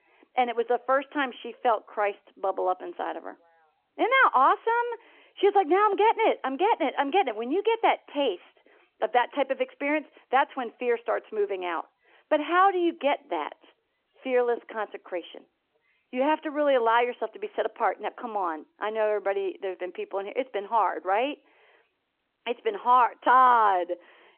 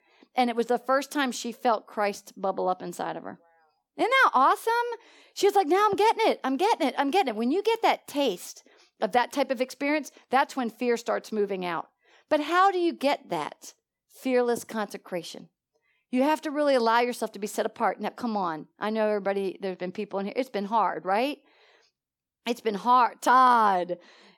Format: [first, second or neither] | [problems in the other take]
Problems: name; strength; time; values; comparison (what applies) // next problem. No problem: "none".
second | phone-call audio; nothing above 3 kHz